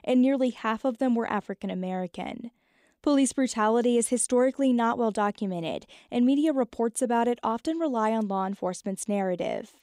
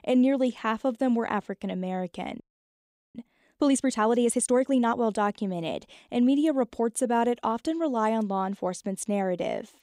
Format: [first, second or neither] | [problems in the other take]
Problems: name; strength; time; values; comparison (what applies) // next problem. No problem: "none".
first | audio freezing; at 2.5 s for 1 s